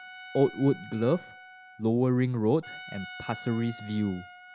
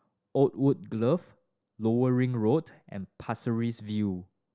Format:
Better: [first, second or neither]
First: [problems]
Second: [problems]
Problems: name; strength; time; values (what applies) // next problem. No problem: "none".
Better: second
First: background sound (Trumpet); 17 dB below the speech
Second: none